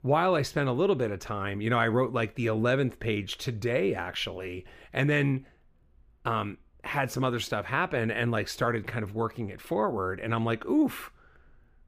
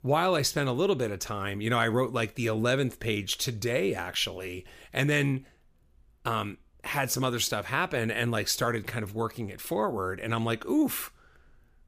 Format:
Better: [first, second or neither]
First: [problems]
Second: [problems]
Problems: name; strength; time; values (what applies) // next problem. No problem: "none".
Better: second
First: muffled; slightly; fading above 3.5 kHz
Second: none